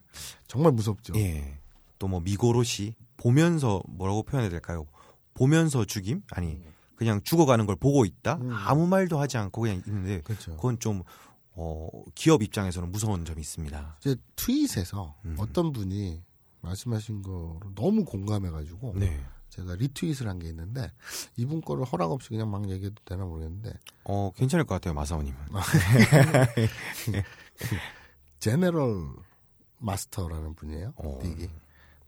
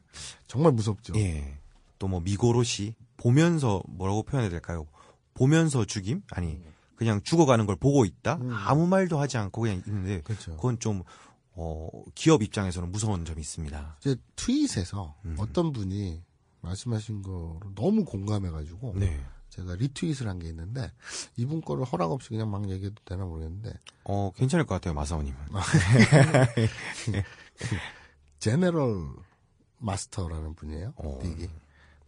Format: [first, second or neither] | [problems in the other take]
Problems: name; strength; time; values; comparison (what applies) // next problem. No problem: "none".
first | garbled, watery; slightly